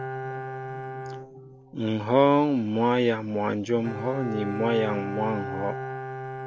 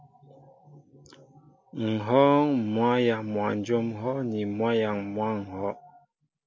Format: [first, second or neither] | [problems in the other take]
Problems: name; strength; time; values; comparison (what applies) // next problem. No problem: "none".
second | background sound (Bowed string instrument); 9 dB below the speech